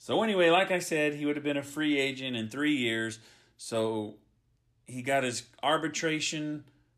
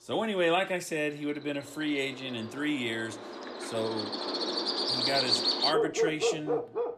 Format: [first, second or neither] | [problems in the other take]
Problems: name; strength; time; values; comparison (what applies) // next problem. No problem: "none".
first | animal sounds; very loud; throughout; 3 dB above the speech